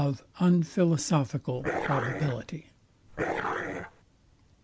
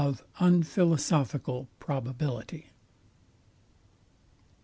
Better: second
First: background sound (Dog); 3 dB below the speech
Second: none

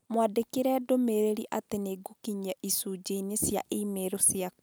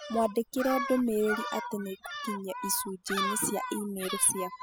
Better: first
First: none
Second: noise reduction (classical method spectral subtraction)

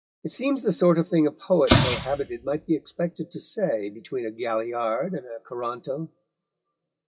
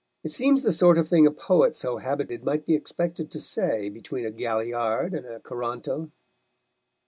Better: second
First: noise reduction (classical method WPE with log-MMSE)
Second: none

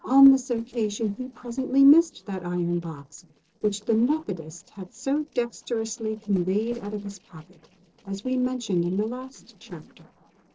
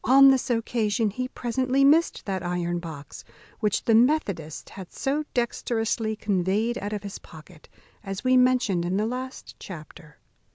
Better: second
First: noise reduction (neural separator model SepFormer DNS4)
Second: none

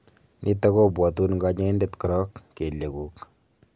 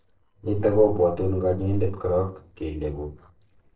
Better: first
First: none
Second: noise reduction (neural separator model SepFormer DNS4)

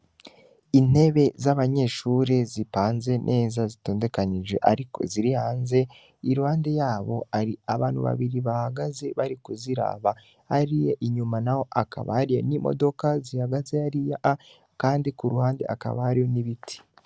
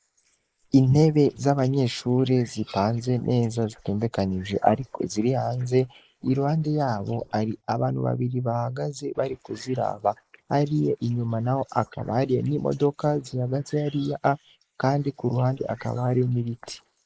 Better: first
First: none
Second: noise reduction (neural mask model Resemble Enhance denoiser)

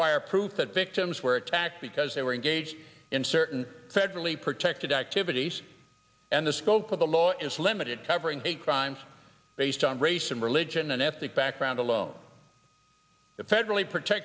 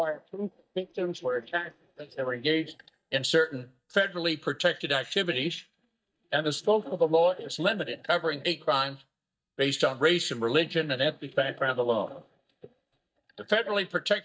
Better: first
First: none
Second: noise reduction (neural mask model DeepFilterNet 3)

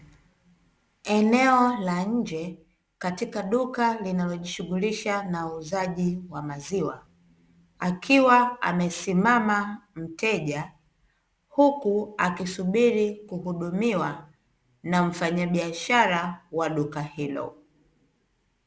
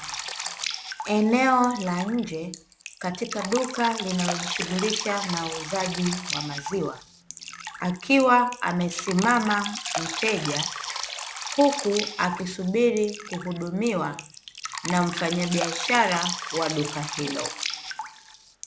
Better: first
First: none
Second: background sound (Drip); 8 dB below the speech

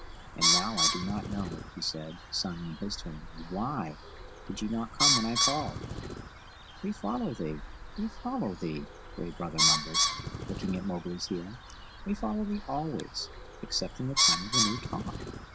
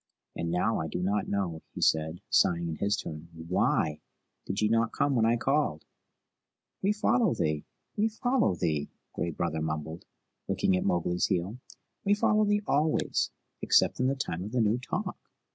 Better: second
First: background sound (Bird); 2 dB above the speech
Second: none

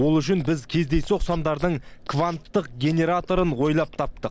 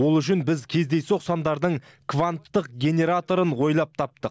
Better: second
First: background sound (Chewing, mastication); 11 dB below the speech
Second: none

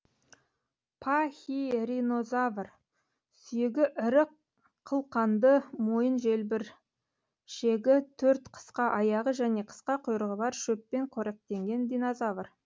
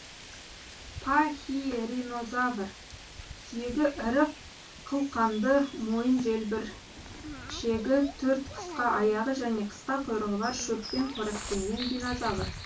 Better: first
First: none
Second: background sound (Bird vocalization, bird call, bird song); 12 dB below the speech // room echo; dies away in 0.1 s

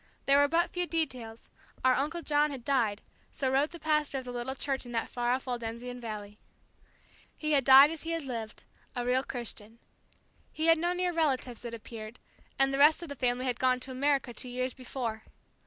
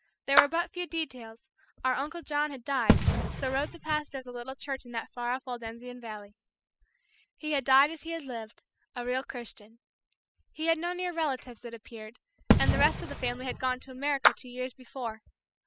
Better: first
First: none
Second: noise reduction (classical method spectral subtraction)

